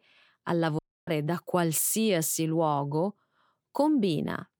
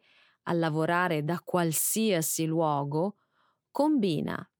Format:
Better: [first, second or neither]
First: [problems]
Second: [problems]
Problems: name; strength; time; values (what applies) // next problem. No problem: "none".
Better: second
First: audio cutting out; at 1 s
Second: none